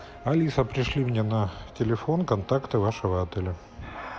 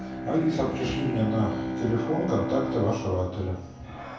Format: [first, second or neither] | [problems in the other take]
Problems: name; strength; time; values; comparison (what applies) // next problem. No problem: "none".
first | background sound (Bowed string instrument); 4 dB below the speech // room echo; dies away in 0.6 s